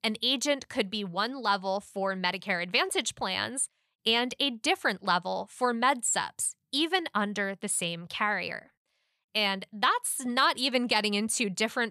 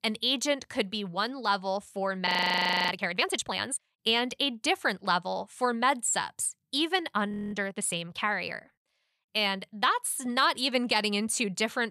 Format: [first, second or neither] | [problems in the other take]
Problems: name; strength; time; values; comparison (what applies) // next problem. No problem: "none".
first | audio freezing; at 2.5 s for 0.5 s and at 7.5 s